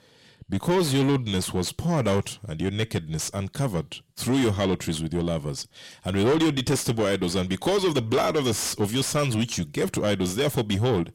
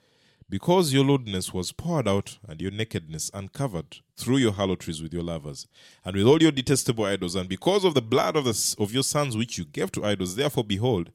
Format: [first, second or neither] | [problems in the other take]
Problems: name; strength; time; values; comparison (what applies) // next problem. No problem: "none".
second | distortion; heavy; 7 dB below the speech